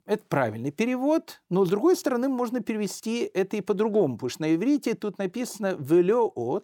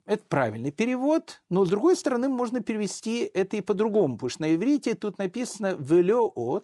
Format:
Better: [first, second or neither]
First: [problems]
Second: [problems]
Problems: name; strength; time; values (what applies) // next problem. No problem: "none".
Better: first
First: none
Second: garbled, watery; slightly; nothing above 10.5 kHz